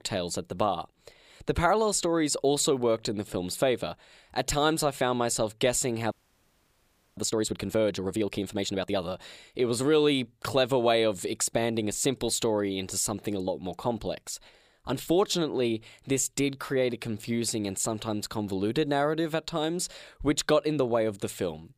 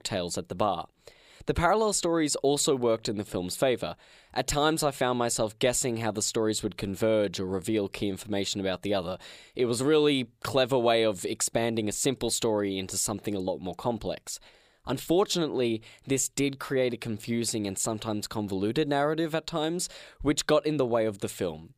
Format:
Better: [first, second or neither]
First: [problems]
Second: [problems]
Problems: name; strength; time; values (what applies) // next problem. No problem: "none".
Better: second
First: audio freezing; at 6 s for 1 s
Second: none